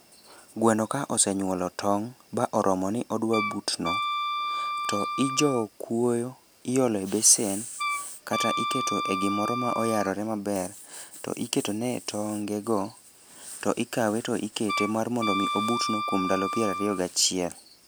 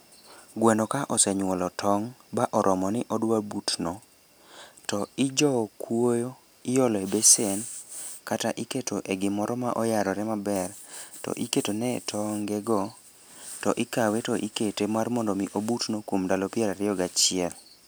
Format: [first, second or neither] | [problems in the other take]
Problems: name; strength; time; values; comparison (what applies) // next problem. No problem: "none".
second | background sound (Wind instrument, woodwind instrument); 3 dB below the speech